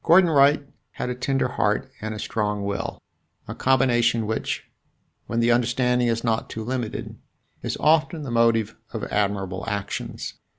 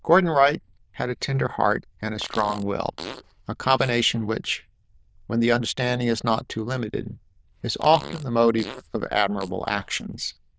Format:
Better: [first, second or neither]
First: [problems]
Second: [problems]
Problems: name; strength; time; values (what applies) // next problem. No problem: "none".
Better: first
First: none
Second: noise reduction (neural diffusion model UNIVERSE++)